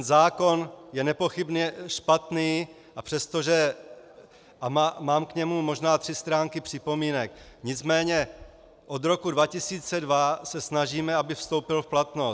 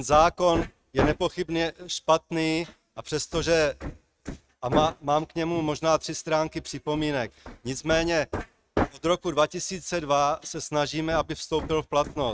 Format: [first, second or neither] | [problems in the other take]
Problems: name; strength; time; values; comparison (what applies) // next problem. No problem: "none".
first | noise reduction (neural mask model RNNoise)